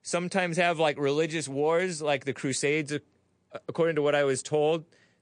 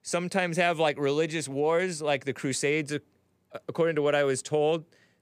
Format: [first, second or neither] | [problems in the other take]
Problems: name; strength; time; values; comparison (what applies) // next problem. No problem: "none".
second | garbled, watery; slightly; nothing above 9.5 kHz